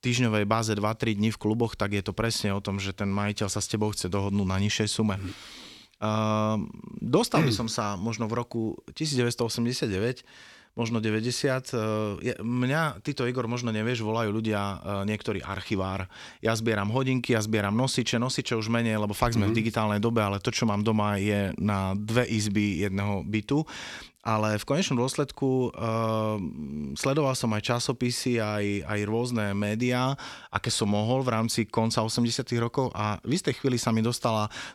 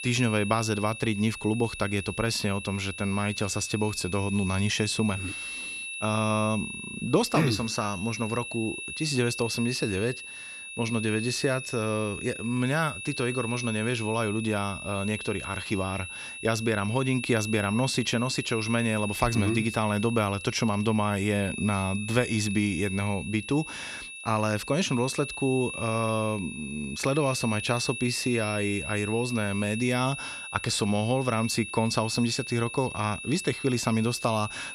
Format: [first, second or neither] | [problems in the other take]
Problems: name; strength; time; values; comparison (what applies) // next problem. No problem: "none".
first | high-pitched whine; loud; throughout; 2.5 kHz, 8 dB below the speech